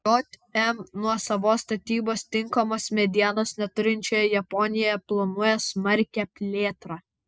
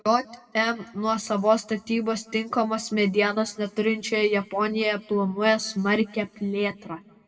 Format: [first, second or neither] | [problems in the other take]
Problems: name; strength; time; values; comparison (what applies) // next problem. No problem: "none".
first | room echo; dies away in 2.2 s